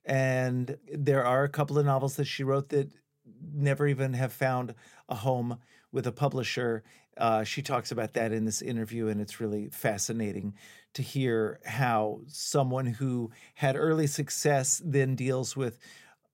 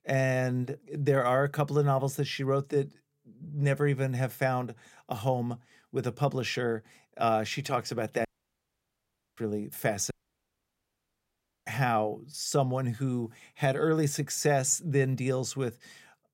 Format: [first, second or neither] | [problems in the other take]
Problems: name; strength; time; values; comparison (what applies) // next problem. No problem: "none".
first | audio cutting out; at 8.5 s for 1 s and at 10 s for 1.5 s